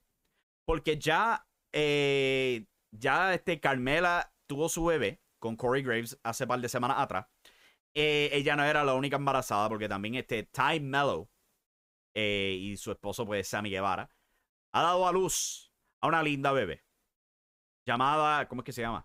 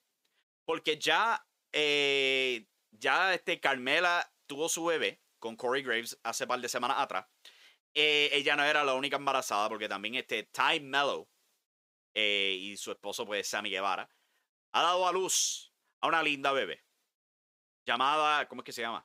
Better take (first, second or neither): first